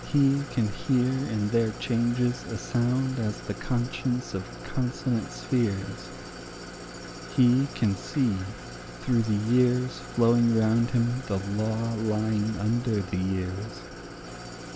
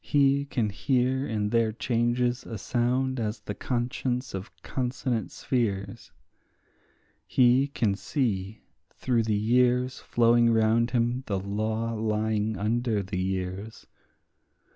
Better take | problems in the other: second | background sound (Idling); 13 dB below the speech

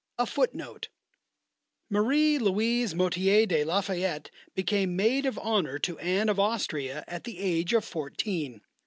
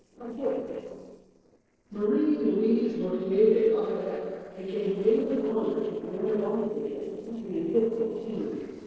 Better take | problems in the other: first | noise reduction (neural separator model SepFormer DNS4)

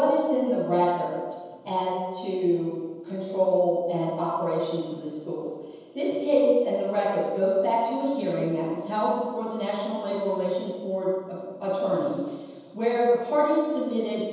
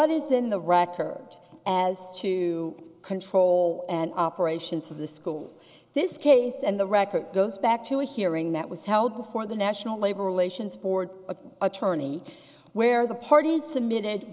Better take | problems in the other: second | room echo; dies away in 1.2 s

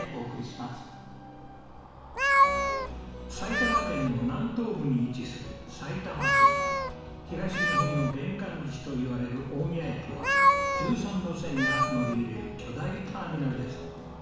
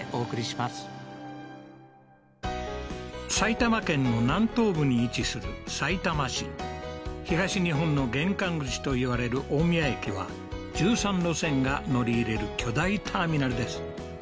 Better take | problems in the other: second | background sound (Meow); 2 dB above the speech // room echo; dies away in 1.1 s

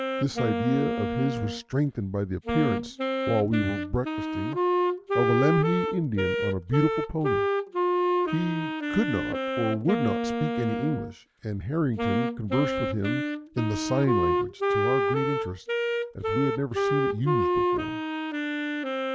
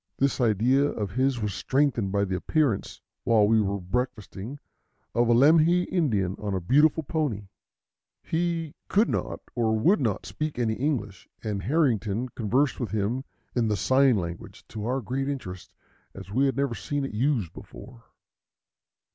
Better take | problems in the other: second | background sound (Wind instrument, woodwind instrument); 1 dB above the speech

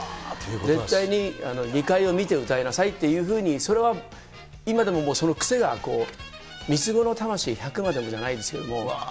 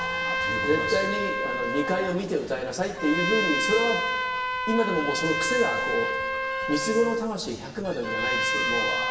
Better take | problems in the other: first | background sound (Trumpet); as loud as the speech // room echo; dies away in 1.2 s

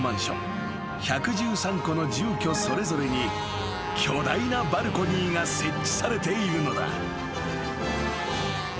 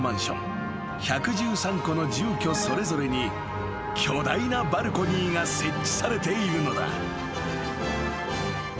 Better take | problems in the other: second | background sound (Motorcycle); 14 dB below the speech

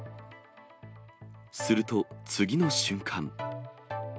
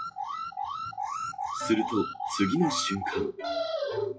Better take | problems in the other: first | noise reduction (classical method WPE with log-MMSE)

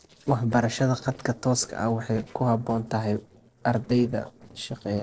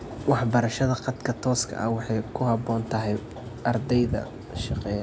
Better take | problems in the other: second | noise reduction (neural separator model SepFormer DNS4)

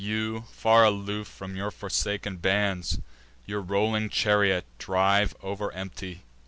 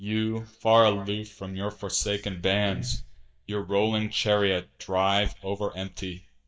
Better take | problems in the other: first | noise reduction (neural mask model DeepFilterNet 3)

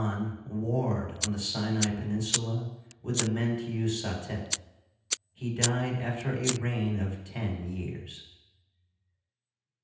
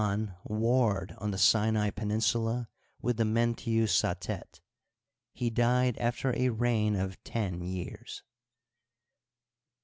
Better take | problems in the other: second | background sound (Fire); 5 dB below the speech // room echo; dies away in 0.9 s

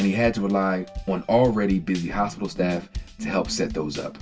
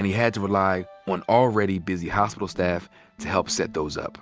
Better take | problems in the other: second | background sound (Drum kit); 16 dB below the speech // room echo; dies away in 0.2 s

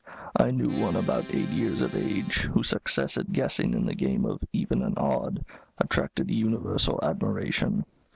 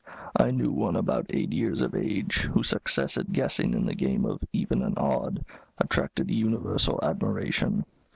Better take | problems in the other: second | background sound (Accordion); 15 dB below the speech

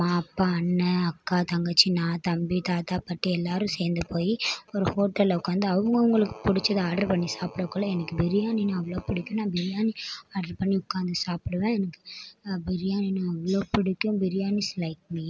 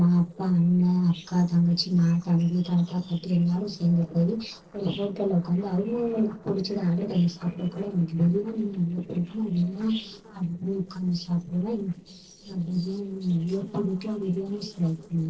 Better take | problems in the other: first | noise reduction (neural separator model SepFormer DNS4)

